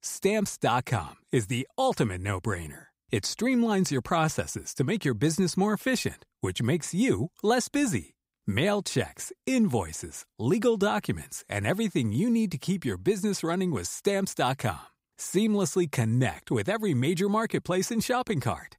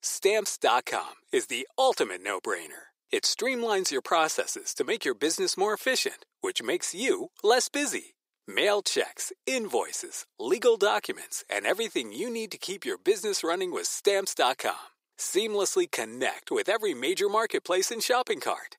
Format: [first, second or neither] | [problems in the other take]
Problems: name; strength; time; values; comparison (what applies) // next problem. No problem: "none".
first | thin; very; fading below 400 Hz